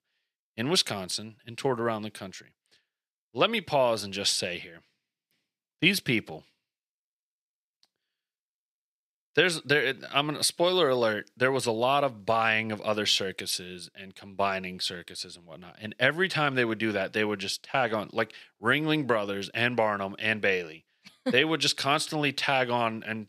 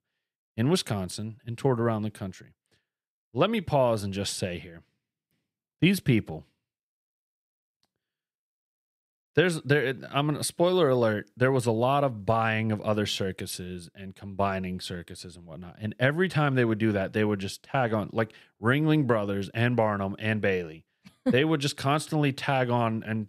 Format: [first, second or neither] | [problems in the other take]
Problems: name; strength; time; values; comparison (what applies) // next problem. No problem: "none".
second | thin; very slightly; fading below 400 Hz